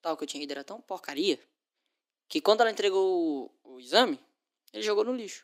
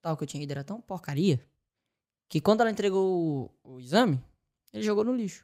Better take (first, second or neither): second